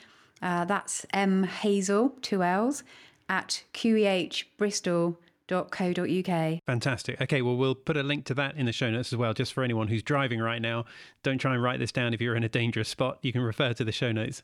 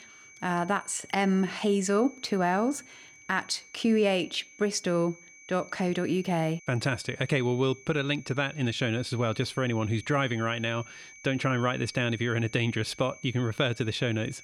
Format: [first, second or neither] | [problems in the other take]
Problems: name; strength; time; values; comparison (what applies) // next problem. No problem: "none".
first | high-pitched whine; faint; throughout; 2.5 kHz, 20 dB below the speech